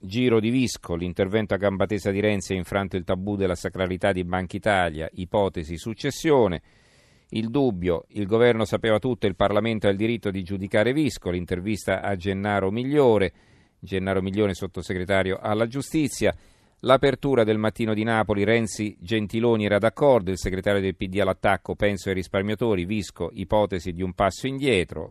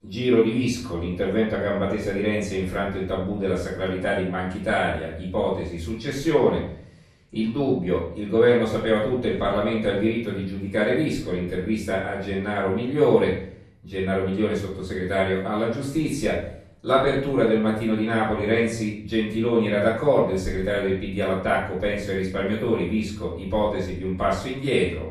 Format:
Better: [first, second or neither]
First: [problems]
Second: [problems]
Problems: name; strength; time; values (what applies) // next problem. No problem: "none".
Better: first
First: none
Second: off-mic speech; far // room echo; noticeable; dies away in 0.5 s